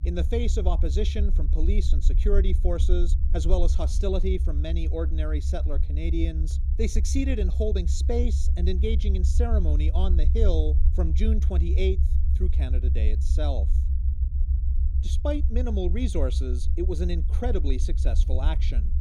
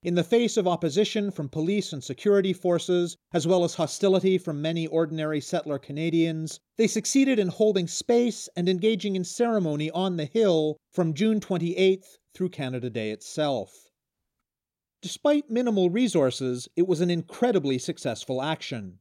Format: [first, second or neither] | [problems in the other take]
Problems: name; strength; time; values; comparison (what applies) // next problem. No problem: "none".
second | low rumble; noticeable; throughout; 10 dB below the speech